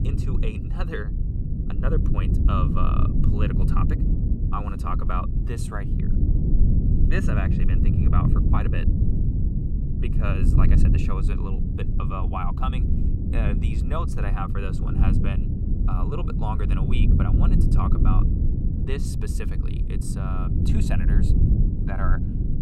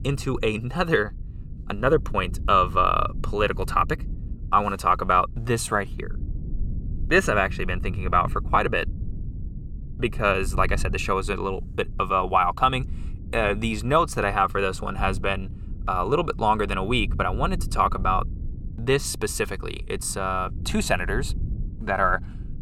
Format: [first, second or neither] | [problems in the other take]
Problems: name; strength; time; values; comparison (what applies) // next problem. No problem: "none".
second | low rumble; loud; throughout; 2 dB below the speech; faint in the second